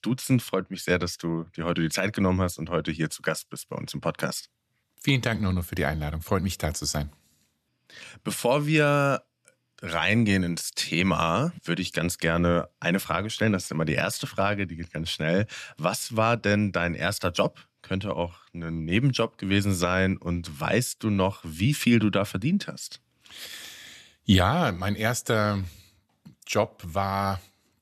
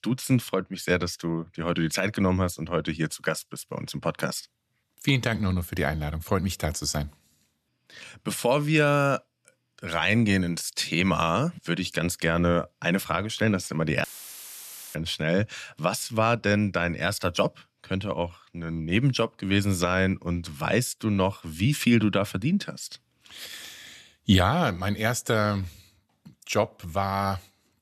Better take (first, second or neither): first